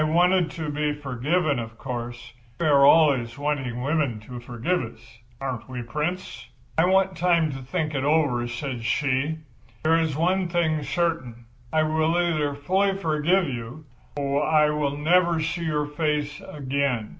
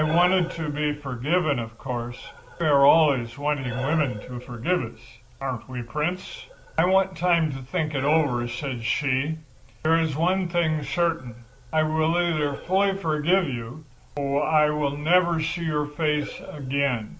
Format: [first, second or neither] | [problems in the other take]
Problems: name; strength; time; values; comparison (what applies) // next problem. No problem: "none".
first | background sound (Breathing); 18 dB below the speech